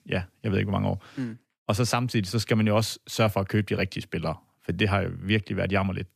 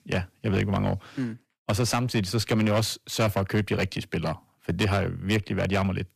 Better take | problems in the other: first | distortion; slight; 11% of the sound clipped

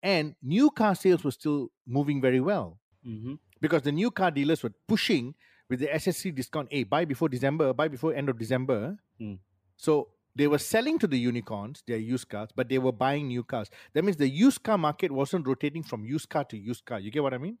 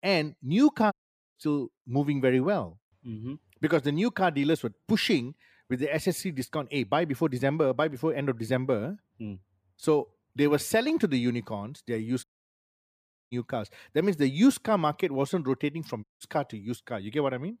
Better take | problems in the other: first | audio cutting out; at 1 s, at 12 s for 1 s and at 16 s

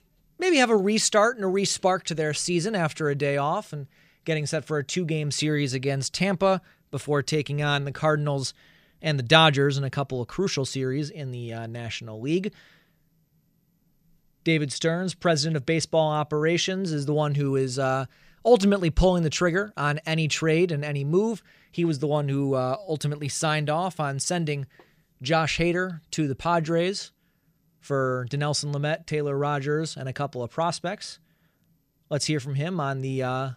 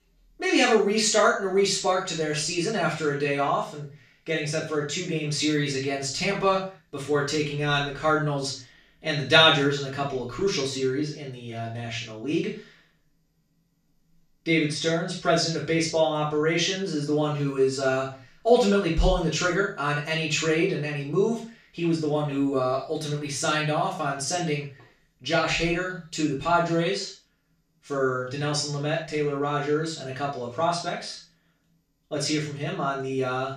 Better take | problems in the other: first | room echo; noticeable; dies away in 0.3 s // off-mic speech; far

